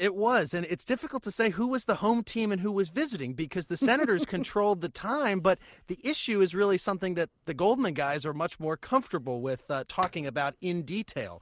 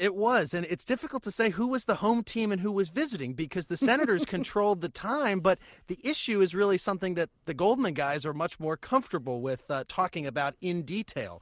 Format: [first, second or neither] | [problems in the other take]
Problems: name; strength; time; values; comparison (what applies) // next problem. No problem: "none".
second | noise reduction (neural mask model Resemble Enhance denoiser)